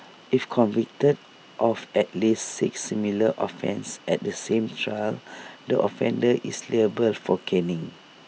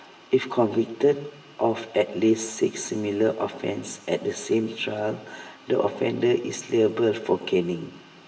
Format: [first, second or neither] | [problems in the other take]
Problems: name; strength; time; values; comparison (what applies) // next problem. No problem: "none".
first | room echo; dies away in 0.8 s